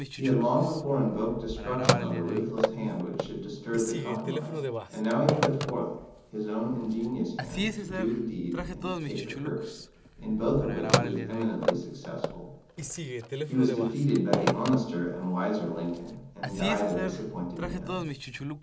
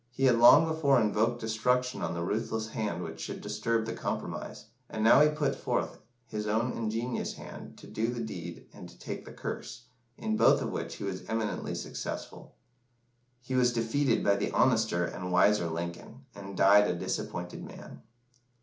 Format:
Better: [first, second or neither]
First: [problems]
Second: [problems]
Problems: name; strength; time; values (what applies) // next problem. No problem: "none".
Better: second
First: background sound (Telephone); 3 dB below the speech // room echo; dies away in 0.9 s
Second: none